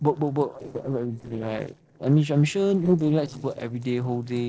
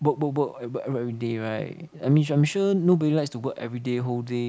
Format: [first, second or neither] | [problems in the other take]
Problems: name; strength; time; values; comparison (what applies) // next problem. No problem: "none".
second | noise reduction (neural separator model SepFormer DNS4)